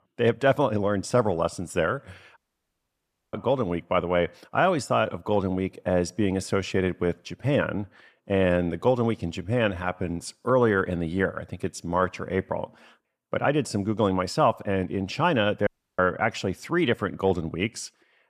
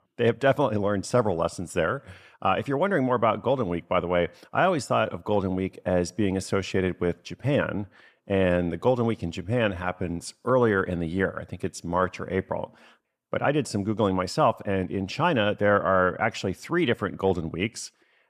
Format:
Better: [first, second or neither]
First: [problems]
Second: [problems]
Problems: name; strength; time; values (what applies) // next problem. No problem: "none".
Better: second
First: audio cutting out; at 2.5 s for 1 s and at 16 s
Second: none